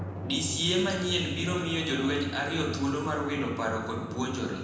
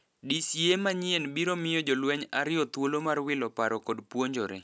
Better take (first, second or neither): second